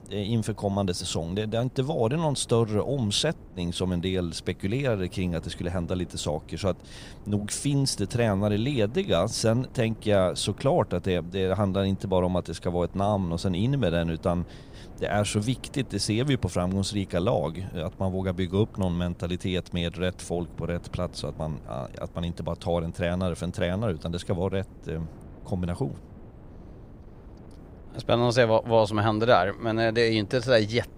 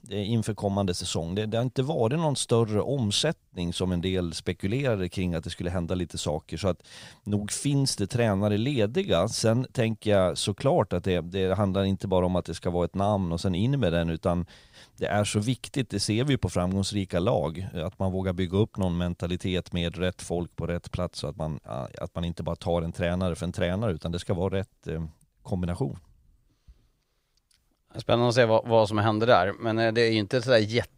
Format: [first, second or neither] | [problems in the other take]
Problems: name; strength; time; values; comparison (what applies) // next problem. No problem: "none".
second | wind noise on the microphone; occasional gusts; 25 dB below the speech